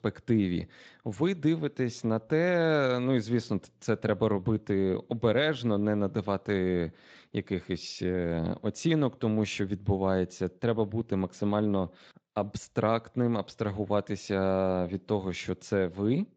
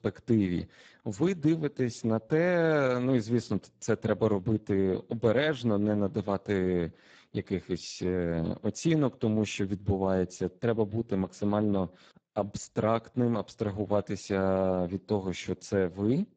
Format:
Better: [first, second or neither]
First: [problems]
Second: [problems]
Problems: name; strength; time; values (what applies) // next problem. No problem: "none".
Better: first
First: garbled, watery; slightly; nothing above 7.5 kHz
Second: garbled, watery; badly; nothing above 7.5 kHz